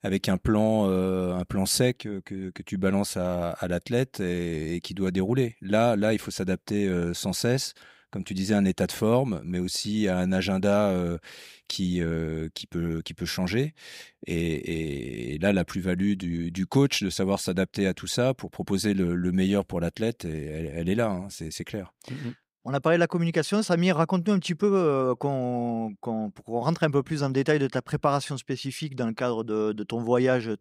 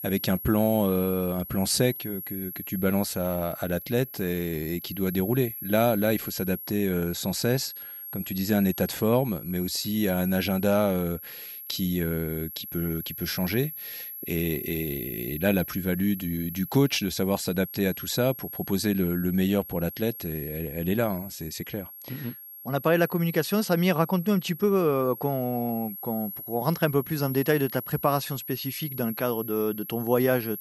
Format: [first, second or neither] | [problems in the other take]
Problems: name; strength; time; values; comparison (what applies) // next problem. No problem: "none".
first | high-pitched whine; loud; throughout; 11.5 kHz, 10 dB below the speech